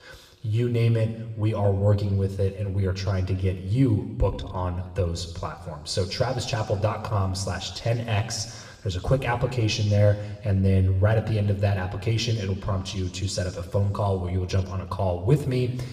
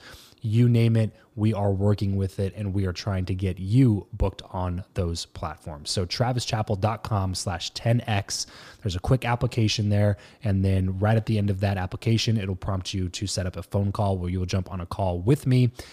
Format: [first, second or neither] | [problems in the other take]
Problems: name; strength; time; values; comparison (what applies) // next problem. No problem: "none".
second | room echo; slight; dies away in 1.4 s